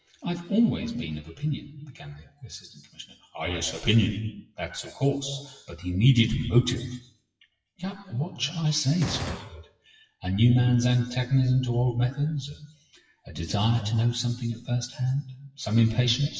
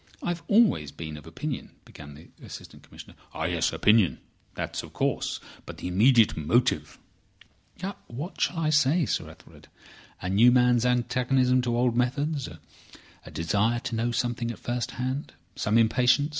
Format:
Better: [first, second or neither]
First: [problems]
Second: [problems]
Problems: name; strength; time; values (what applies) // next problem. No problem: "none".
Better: second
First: noise reduction (classical method WPE with log-MMSE)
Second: none